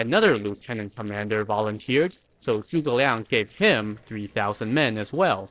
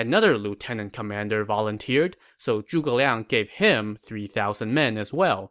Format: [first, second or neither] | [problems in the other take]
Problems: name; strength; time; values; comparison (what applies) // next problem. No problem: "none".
second | noise reduction (neural separator model SepFormer DNS4)